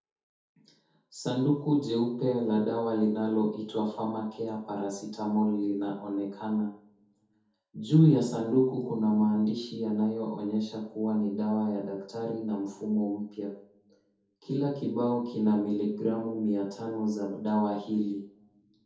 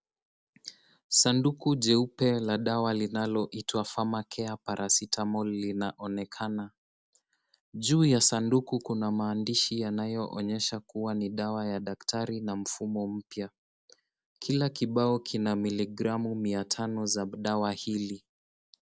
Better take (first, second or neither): second